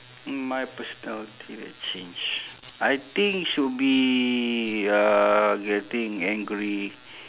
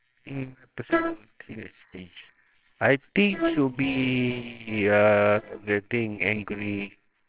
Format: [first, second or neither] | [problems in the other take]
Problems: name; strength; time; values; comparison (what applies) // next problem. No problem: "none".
first | noise reduction (neural separator model SepFormer WHAMR!)